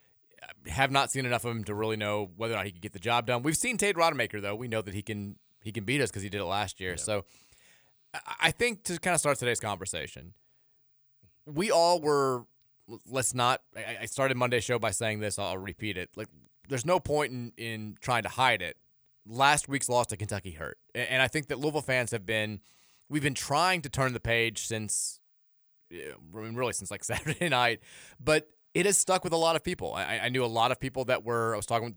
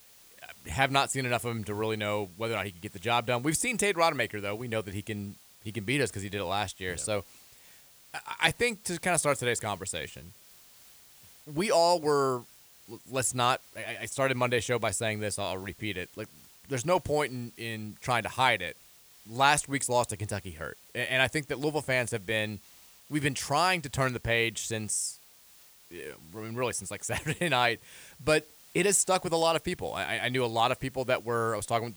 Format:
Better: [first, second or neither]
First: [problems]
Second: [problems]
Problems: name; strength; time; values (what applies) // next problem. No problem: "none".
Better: first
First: none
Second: hiss; faint; throughout; 25 dB below the speech